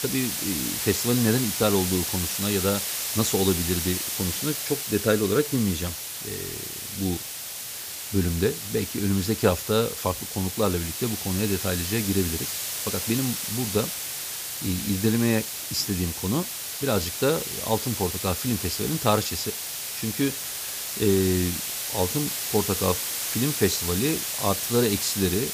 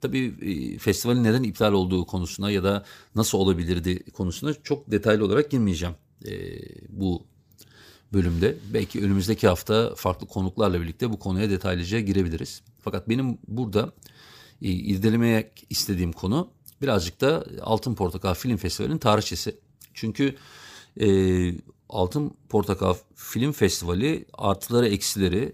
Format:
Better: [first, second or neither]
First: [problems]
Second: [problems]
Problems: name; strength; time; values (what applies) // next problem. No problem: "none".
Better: second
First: hiss; loud; throughout; 2 dB below the speech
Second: none